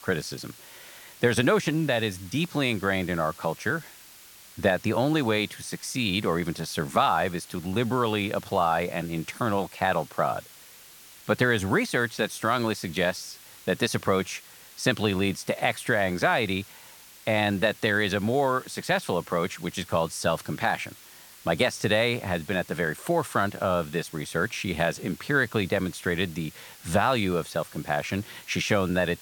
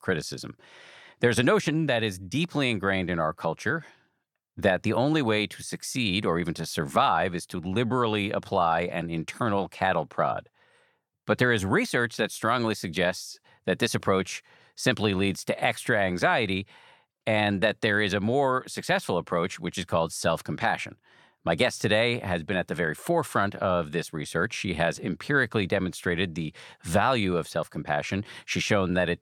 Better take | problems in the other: second | hiss; noticeable; throughout; 20 dB below the speech

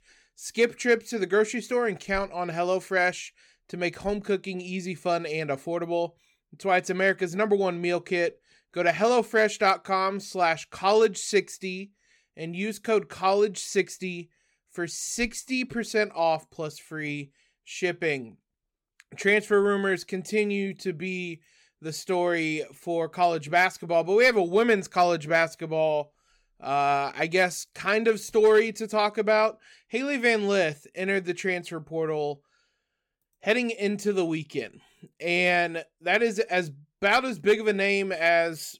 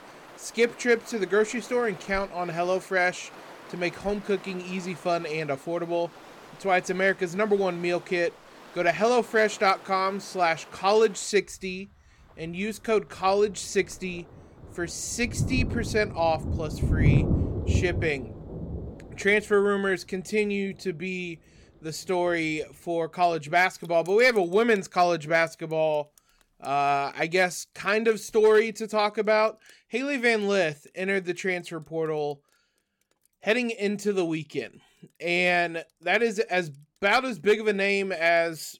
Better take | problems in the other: first | rain or running water; loud; throughout; 8 dB below the speech

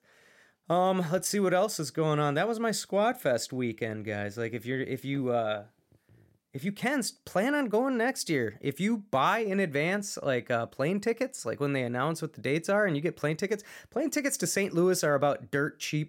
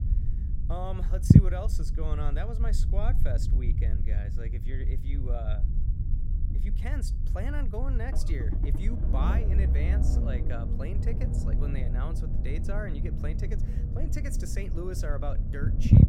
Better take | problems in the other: first | low rumble; loud; throughout; as loud as the speech

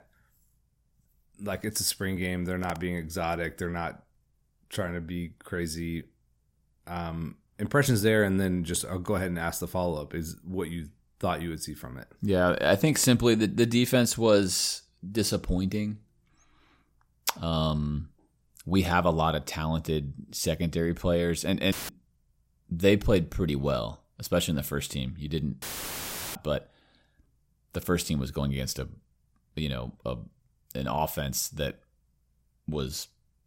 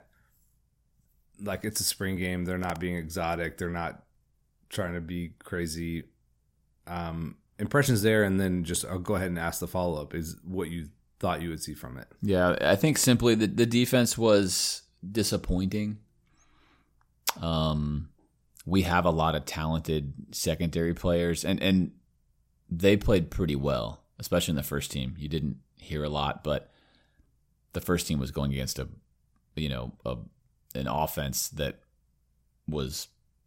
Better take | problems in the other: second | audio cutting out; filled with static; at 22 s and at 26 s for 0.5 s

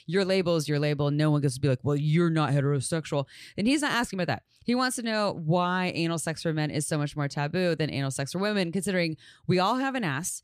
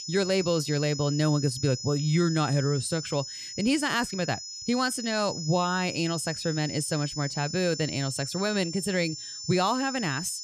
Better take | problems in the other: first | high-pitched whine; loud; throughout; 5 kHz, 8 dB below the speech

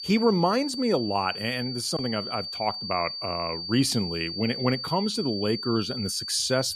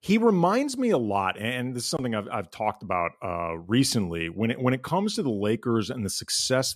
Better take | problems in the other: second | high-pitched whine; loud; throughout; 4.5 kHz, 5 dB below the speech

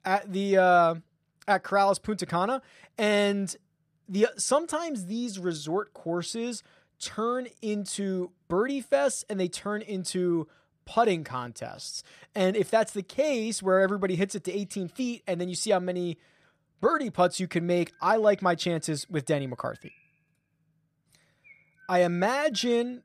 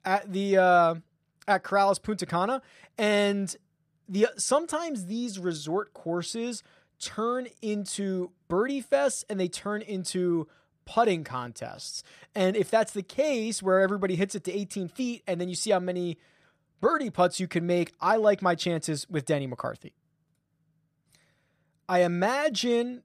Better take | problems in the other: second | animal sounds; faint; throughout; 30 dB below the speech

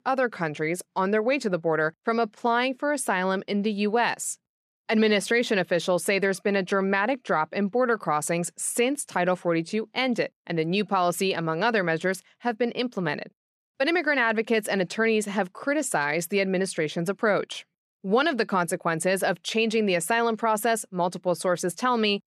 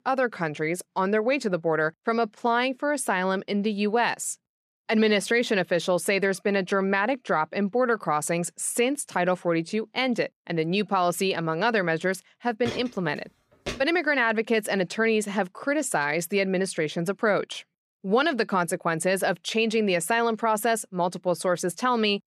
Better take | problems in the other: first | footsteps; faint; from 13 to 14 s; peak 10 dB below the speech

